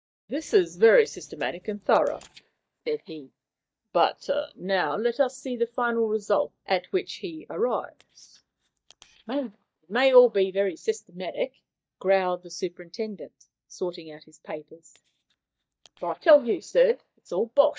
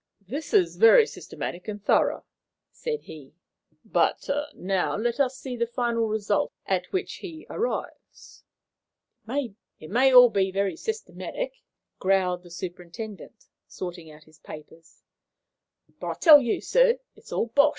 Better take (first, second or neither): second